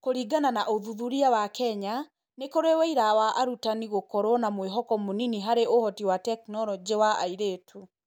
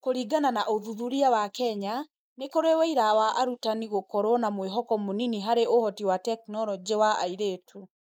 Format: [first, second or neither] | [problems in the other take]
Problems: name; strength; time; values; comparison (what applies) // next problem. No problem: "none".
first | noise reduction (neural mask model Resemble Enhance denoiser)